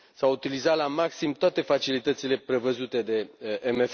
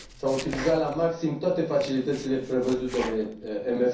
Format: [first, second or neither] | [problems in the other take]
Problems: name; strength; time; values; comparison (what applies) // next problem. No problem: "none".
first | background sound (Domestic sounds, home sounds); 14 dB below the speech // room echo; dies away in 0.6 s